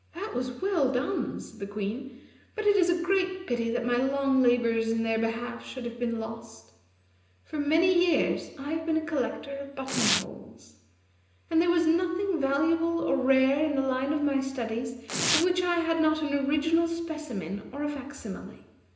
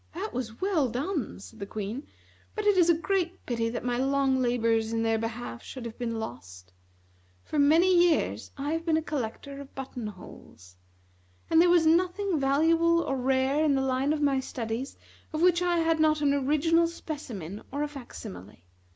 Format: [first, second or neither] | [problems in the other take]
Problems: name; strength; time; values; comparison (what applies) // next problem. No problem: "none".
second | background sound (Domestic sounds, home sounds); 7 dB below the speech // room echo; dies away in 0.9 s